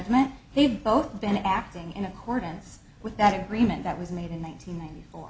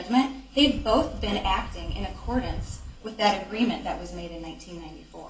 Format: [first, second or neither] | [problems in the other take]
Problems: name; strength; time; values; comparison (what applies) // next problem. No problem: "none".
first | background sound (Wind); 7 dB below the speech // room echo; dies away in 0.2 s